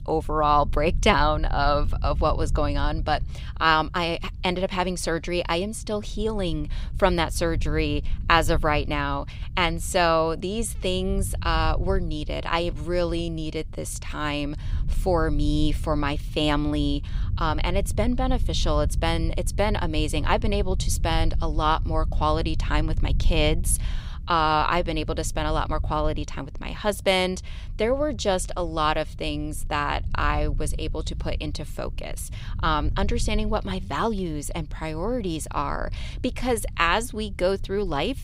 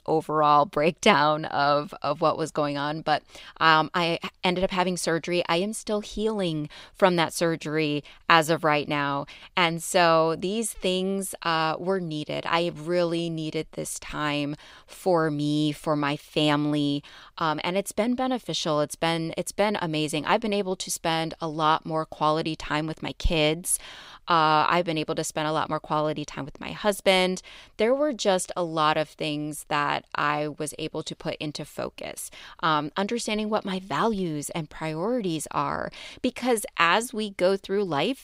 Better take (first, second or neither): second